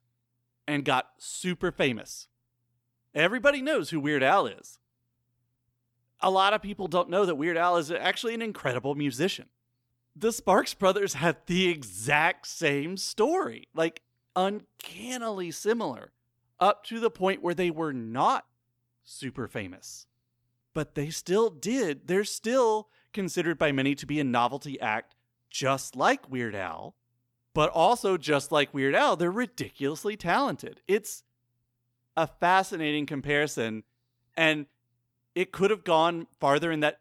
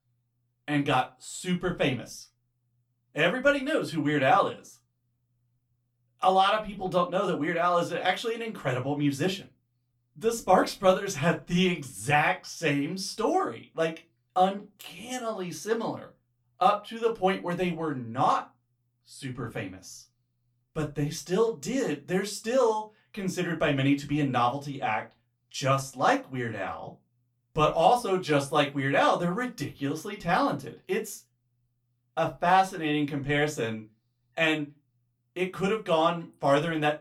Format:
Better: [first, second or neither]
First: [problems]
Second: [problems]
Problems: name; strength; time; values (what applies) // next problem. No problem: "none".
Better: first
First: none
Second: off-mic speech; far // room echo; very slight; dies away in 0.2 s